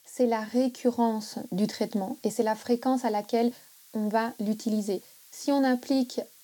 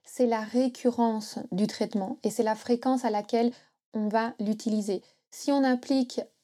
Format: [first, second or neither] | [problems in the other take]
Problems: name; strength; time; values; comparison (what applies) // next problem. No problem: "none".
second | hiss; faint; throughout; 25 dB below the speech